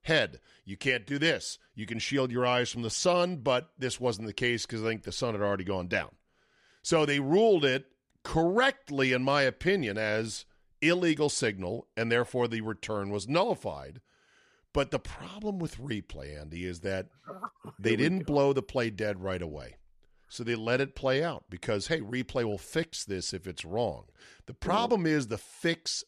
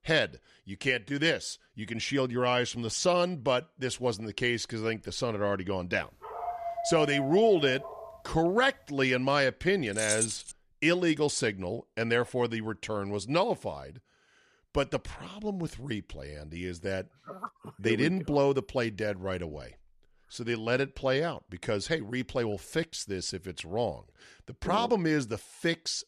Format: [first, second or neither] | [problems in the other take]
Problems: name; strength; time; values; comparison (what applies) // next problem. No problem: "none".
first | dog barking; noticeable; from 6 to 8 s; peak 5 dB below the speech // jangling keys; loud; at 10 s; peak 1 dB above the speech